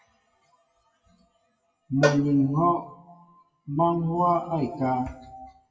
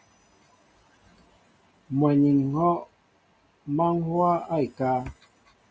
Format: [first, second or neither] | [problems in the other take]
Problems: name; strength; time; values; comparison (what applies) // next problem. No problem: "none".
second | noise reduction (classical method WPE with log-MMSE)